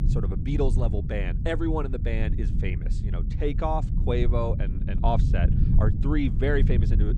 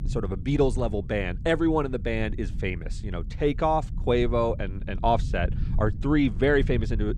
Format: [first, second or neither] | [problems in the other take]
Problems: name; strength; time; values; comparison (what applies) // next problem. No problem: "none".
second | low rumble; loud; throughout; 9 dB below the speech; faint in the second